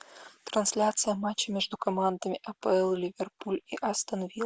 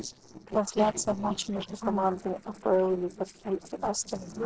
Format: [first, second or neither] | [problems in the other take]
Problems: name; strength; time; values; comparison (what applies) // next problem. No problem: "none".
first | noise reduction (neural separator model SepFormer DNS4)